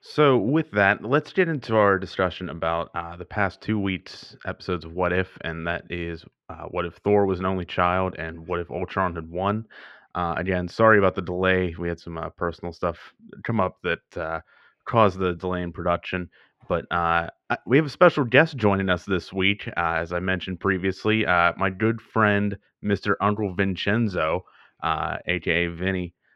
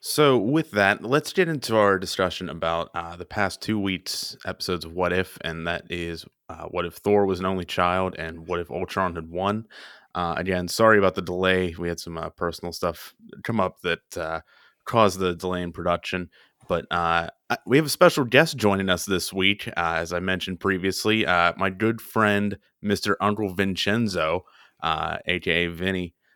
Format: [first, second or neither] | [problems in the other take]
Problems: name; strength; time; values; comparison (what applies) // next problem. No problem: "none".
second | muffled; slightly; fading above 2.5 kHz